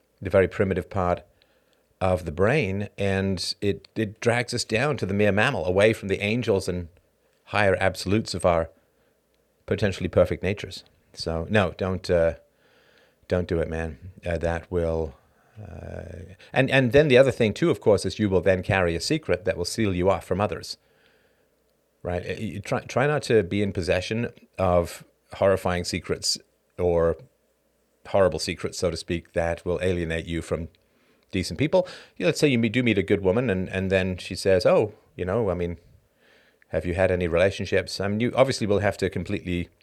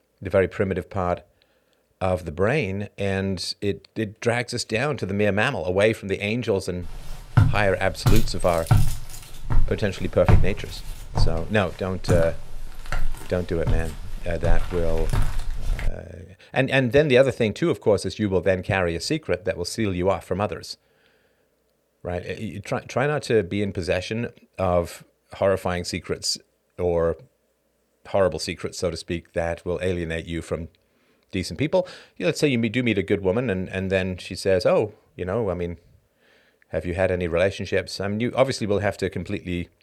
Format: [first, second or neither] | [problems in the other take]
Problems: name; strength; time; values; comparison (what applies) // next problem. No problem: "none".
first | footsteps; loud; from 7 to 16 s; peak 4 dB above the speech